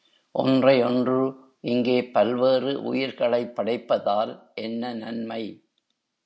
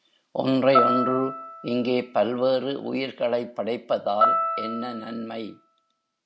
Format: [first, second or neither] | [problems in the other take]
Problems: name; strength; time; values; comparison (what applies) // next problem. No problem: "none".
first | background sound (Piano); 1 dB below the speech